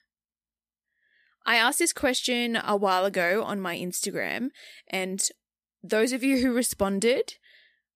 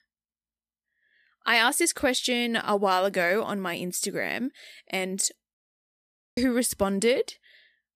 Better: first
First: none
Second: audio cutting out; at 5.5 s for 1 s

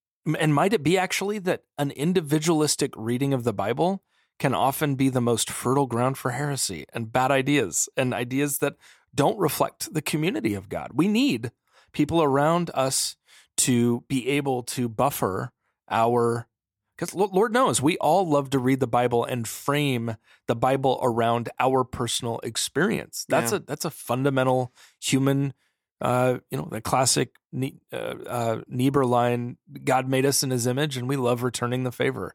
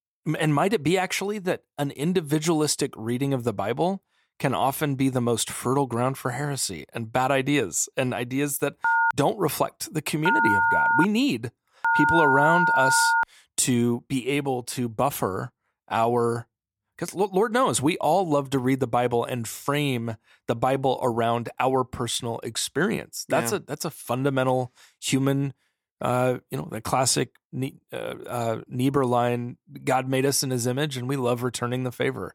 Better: first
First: none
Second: phone ringing; loud; from 9 to 13 s; peak 5 dB above the speech

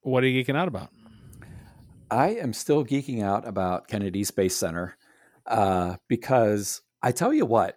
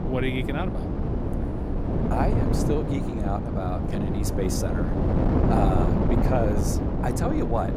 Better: first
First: none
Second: wind noise on the microphone; heavy; as loud as the speech

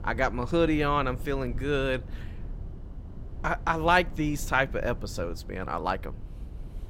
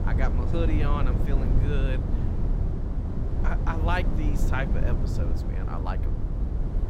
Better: first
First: low rumble; faint; throughout; 25 dB below the speech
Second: low rumble; loud; throughout; 5 dB below the speech

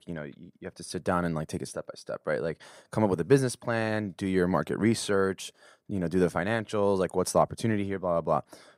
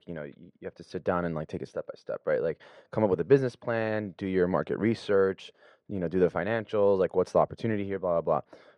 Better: first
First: none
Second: muffled; slightly; fading above 3 kHz

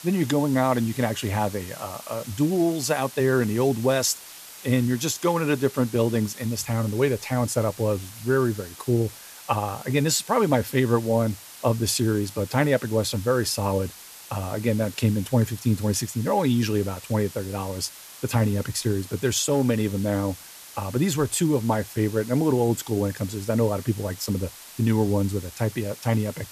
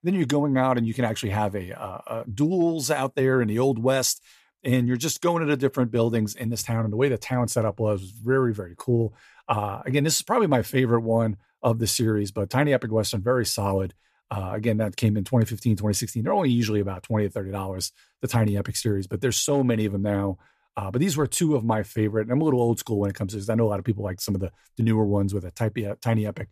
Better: second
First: hiss; noticeable; throughout; 15 dB below the speech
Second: none

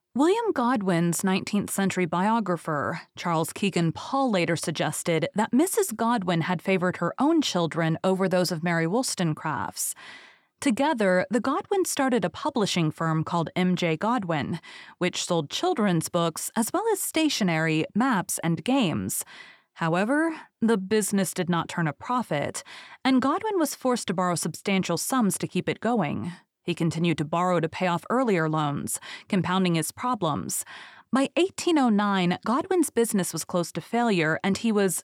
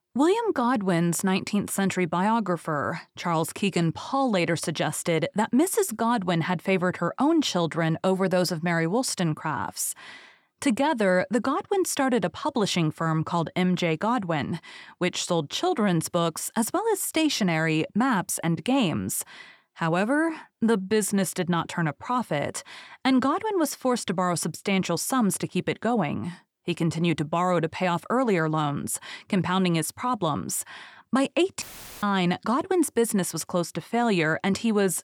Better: first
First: none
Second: audio cutting out; filled with static; at 32 s

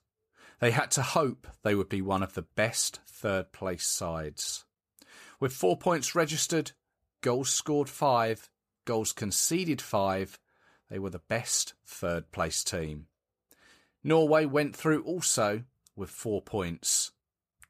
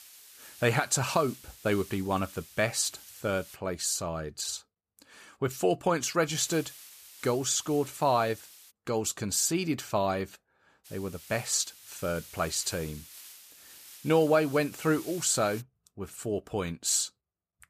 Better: first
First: none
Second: hiss; noticeable; until 3.5 s, from 6.5 to 8.5 s and from 11 to 16 s; 20 dB below the speech

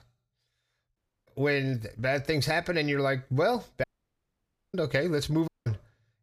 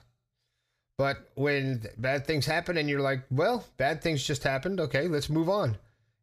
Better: second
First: audio cutting out; at 1 s, at 4 s for 1 s and at 5.5 s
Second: none

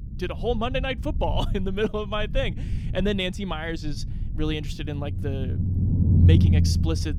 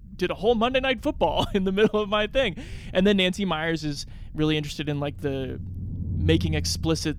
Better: second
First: low rumble; loud; throughout; 8 dB below the speech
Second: low rumble; faint; throughout; 25 dB below the speech

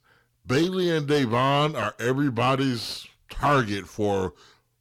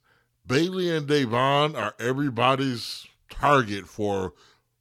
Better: second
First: distortion; slight; 10 dB below the speech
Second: none

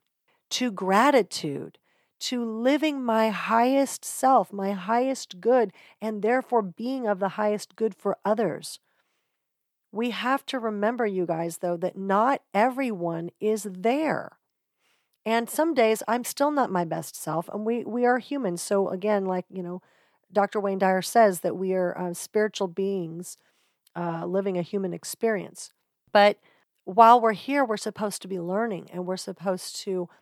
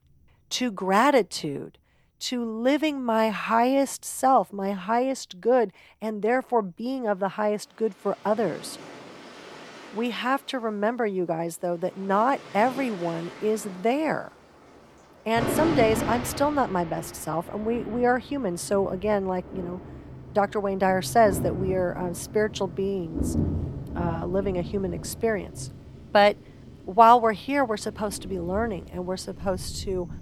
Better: first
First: none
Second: rain or running water; noticeable; throughout; 10 dB below the speech

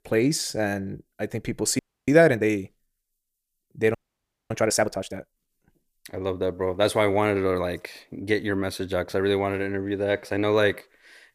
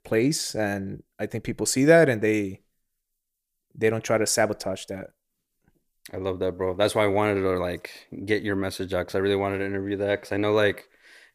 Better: second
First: audio freezing; at 2 s and at 4 s for 0.5 s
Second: none

